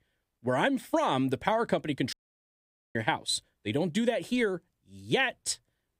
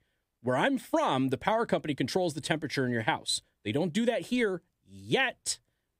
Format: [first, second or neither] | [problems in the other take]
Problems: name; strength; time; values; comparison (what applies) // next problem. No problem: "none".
second | audio cutting out; at 2 s for 1 s